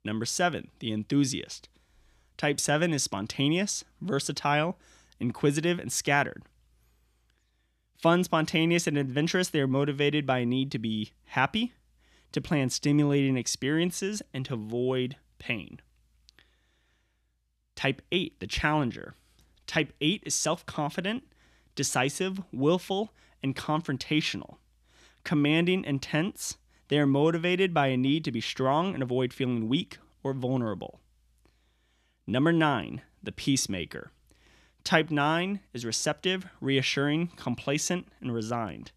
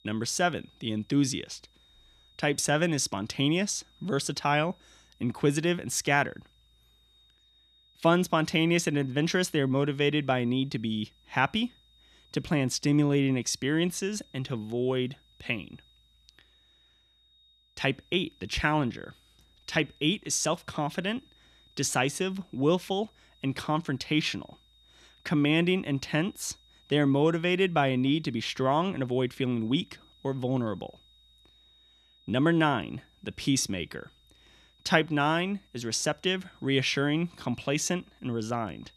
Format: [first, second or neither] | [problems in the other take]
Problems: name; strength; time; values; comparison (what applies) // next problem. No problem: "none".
first | high-pitched whine; faint; throughout; 3.5 kHz, 35 dB below the speech